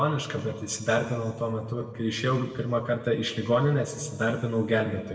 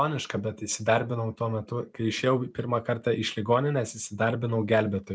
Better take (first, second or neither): second